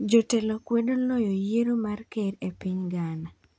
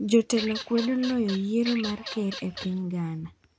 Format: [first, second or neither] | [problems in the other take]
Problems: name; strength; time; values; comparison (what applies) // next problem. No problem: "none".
first | background sound (Bird vocalization, bird call, bird song / Fowl); 11 dB below the speech